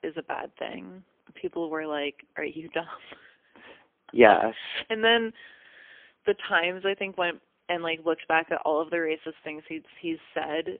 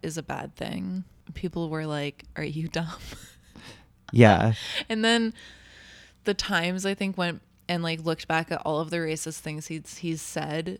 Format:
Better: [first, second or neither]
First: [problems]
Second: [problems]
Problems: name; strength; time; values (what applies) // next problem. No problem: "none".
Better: second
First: phone-call audio; poor line; nothing above 3 kHz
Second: none